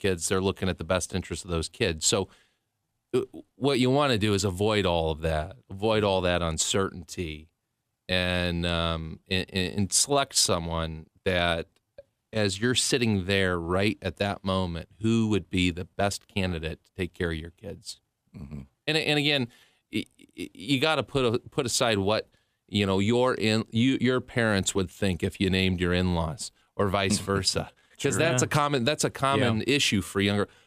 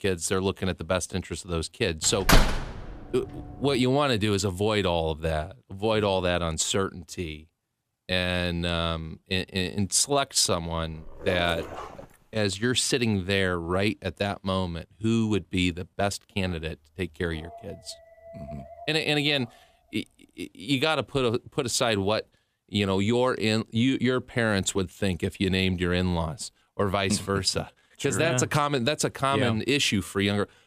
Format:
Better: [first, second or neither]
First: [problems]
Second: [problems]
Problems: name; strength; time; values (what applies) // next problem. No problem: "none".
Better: first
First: none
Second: door banging; loud; at 2.5 s; peak 5 dB above the speech // dog barking; noticeable; from 11 to 12 s; peak 9 dB below the speech // dog barking; faint; from 17 to 20 s; peak 20 dB below the speech